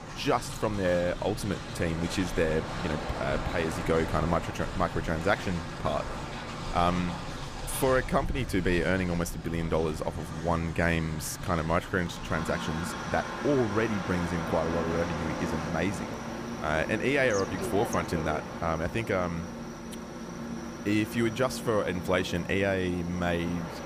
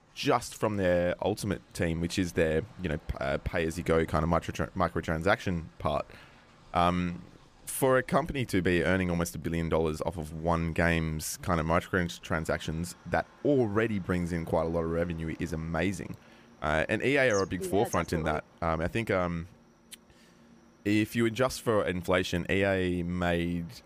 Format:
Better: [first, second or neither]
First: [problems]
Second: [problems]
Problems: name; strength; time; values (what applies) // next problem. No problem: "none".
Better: second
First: train or aircraft noise; loud; throughout; 7 dB below the speech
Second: train or aircraft noise; faint; throughout; 30 dB below the speech